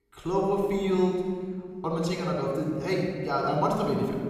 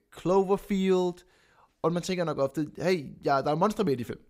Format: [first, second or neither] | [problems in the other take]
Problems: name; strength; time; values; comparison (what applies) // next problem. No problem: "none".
second | off-mic speech; somewhat distant // room echo; noticeable; dies away in 2.1 s